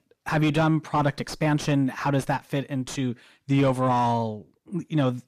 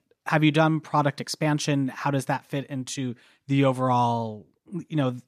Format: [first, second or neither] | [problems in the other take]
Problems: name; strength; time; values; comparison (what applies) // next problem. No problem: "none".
second | distortion; slight; 10 dB below the speech